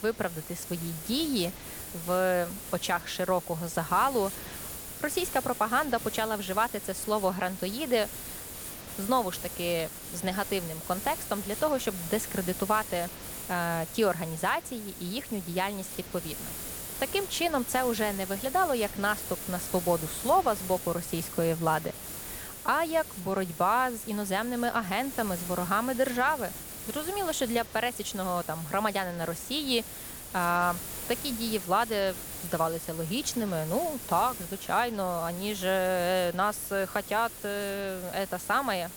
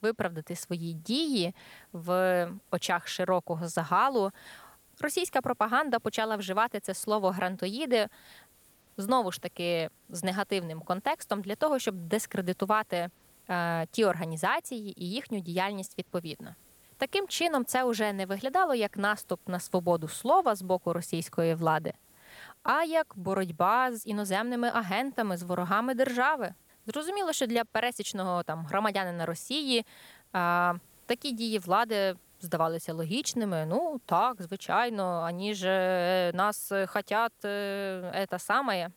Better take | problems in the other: second | hiss; loud; throughout; 9 dB below the speech; faint in the second

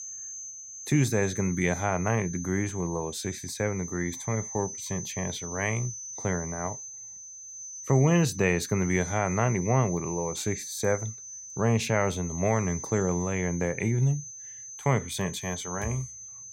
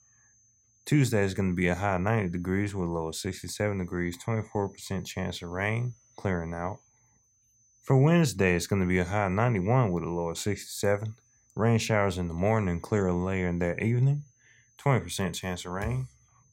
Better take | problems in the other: second | high-pitched whine; loud; throughout; 6 kHz, 9 dB below the speech; faint in the second

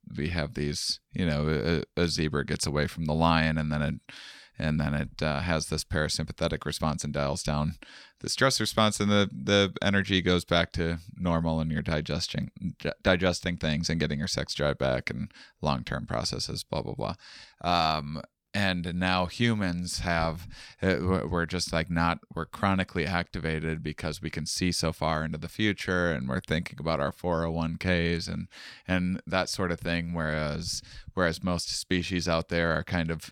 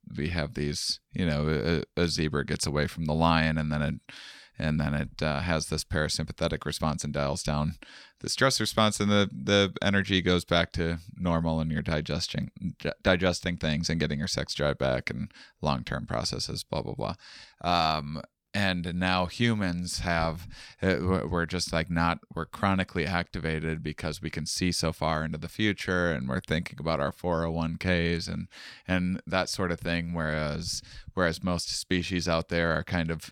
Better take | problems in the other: neither | none

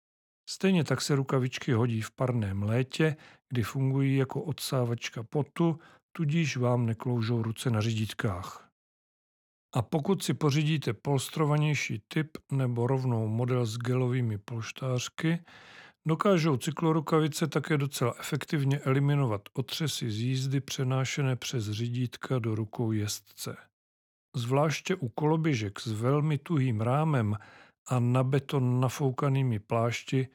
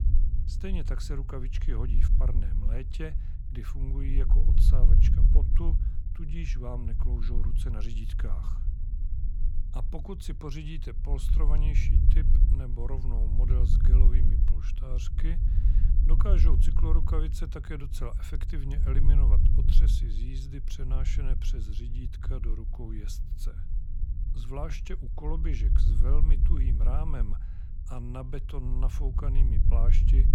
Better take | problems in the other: first | low rumble; loud; throughout; 4 dB below the speech

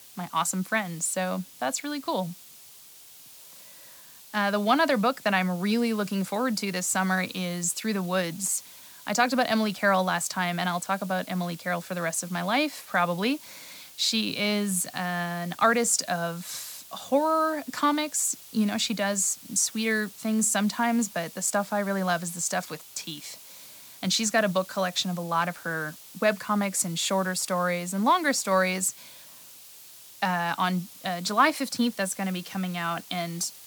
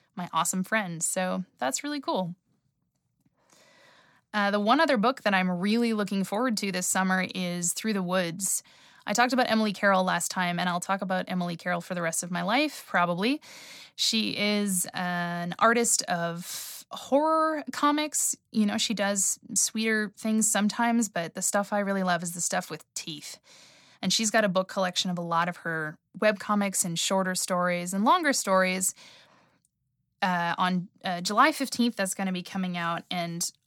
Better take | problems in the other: second | hiss; noticeable; throughout; 20 dB below the speech

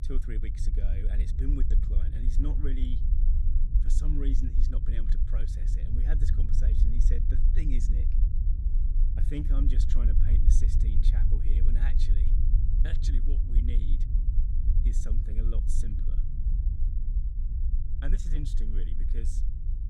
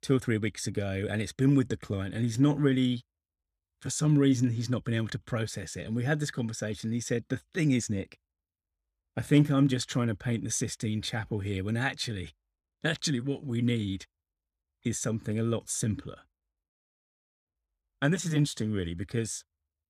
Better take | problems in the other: second | low rumble; loud; throughout; 3 dB below the speech

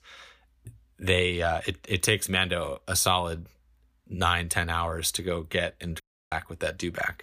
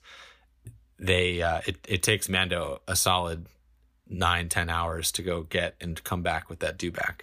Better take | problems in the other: second | audio cutting out; at 6 s

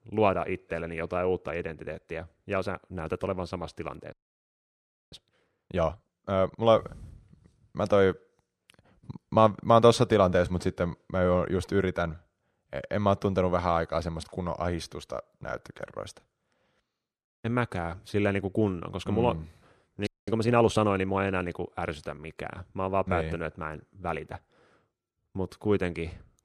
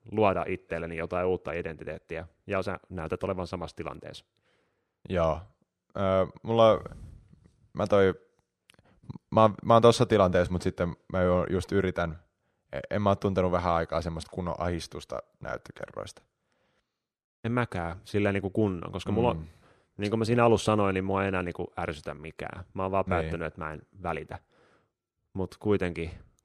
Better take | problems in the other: second | audio freezing; at 4 s for 1 s and at 20 s

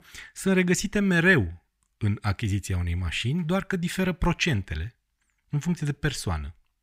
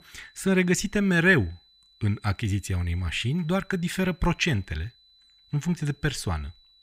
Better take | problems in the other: first | high-pitched whine; faint; throughout; 4 kHz, 30 dB below the speech

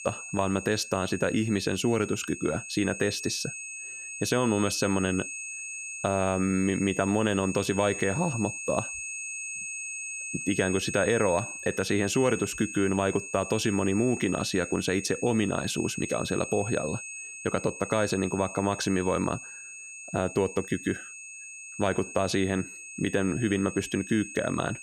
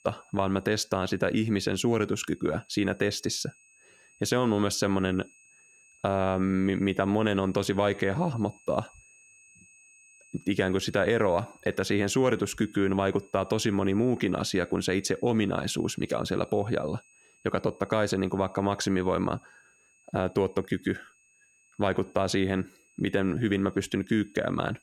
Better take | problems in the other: second | high-pitched whine; loud; throughout; 2.5 kHz, 8 dB below the speech; faint in the second

